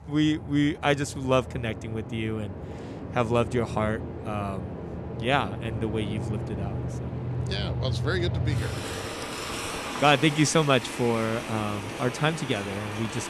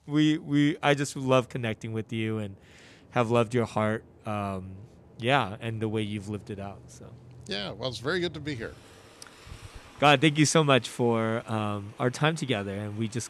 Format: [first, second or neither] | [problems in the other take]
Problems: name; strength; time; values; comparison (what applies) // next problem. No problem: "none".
second | train or aircraft noise; loud; throughout; 7 dB below the speech; faint in the second